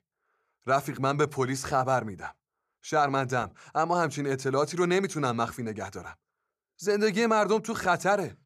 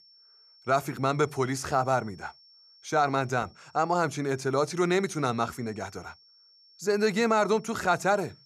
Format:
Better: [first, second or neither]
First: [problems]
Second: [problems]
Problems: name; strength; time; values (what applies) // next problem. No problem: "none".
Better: first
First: none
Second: high-pitched whine; faint; throughout; 5.5 kHz, 30 dB below the speech